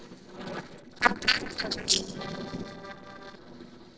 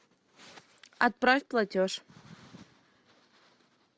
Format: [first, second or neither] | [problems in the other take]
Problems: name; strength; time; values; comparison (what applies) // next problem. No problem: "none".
second | noise reduction (neural separator model SepFormer DNS4)